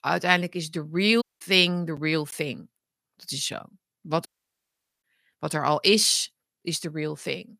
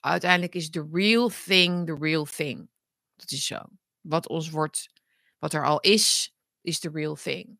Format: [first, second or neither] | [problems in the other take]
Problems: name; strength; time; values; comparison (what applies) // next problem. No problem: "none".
second | audio cutting out; at 1 s and at 4.5 s for 1 s